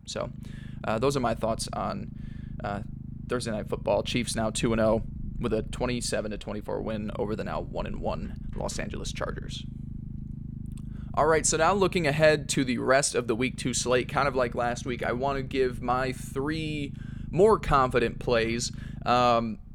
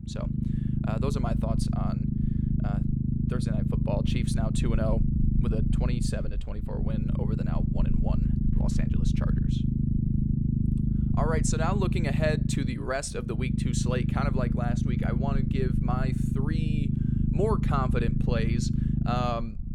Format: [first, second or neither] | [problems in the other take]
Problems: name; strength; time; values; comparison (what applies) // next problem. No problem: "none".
first | low rumble; loud; throughout; 3 dB below the speech; faint in the first